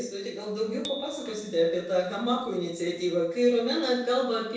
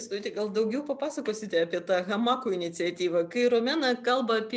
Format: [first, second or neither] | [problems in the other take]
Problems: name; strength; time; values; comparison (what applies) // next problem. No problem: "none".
second | background sound (Bicycle bell); 20 dB below the speech // room echo; dies away in 0.7 s